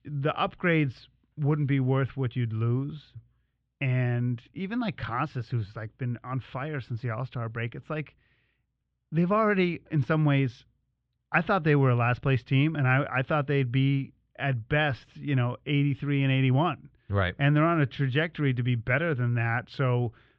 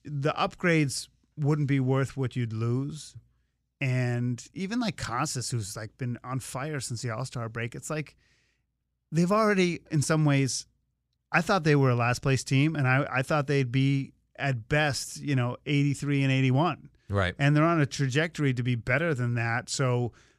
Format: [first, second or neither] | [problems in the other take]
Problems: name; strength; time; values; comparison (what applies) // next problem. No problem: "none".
second | muffled; very; fading above 3.5 kHz